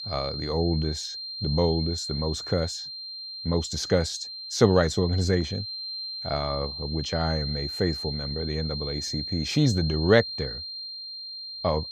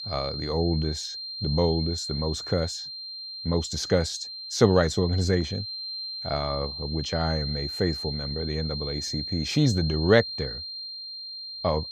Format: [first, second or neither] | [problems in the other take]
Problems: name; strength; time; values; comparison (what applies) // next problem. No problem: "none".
neither | high-pitched whine; loud; throughout; 4 kHz, 6 dB below the speech; the same in both